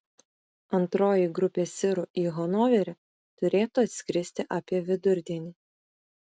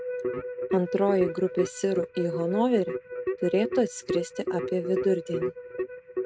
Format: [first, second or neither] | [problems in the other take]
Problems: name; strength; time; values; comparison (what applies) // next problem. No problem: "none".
first | noise reduction (neural mask model RNNoise)